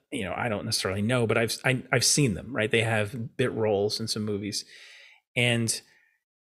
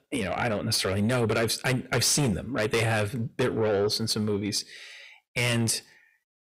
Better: first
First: none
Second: distortion; heavy; 7 dB below the speech

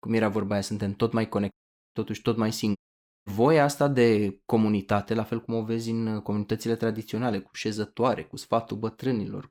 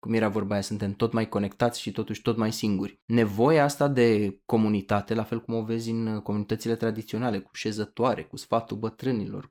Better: second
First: audio cutting out; at 1.5 s and at 3 s for 0.5 s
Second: none

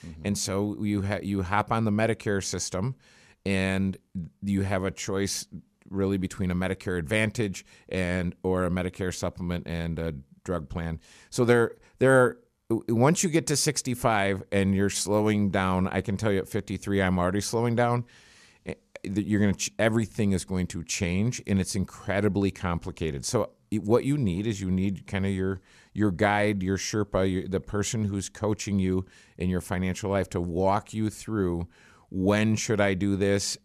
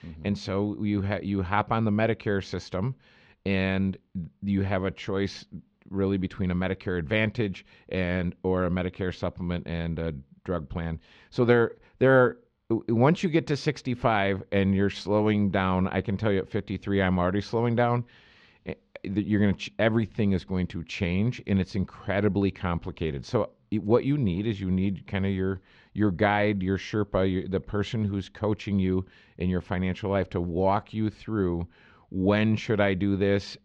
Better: first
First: none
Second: muffled; slightly; fading above 3.5 kHz

